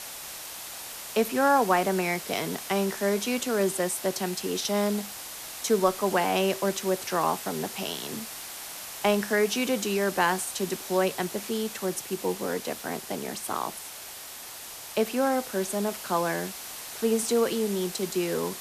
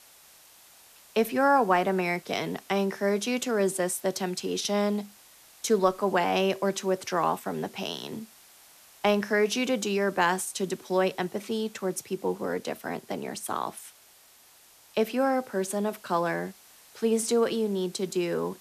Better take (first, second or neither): second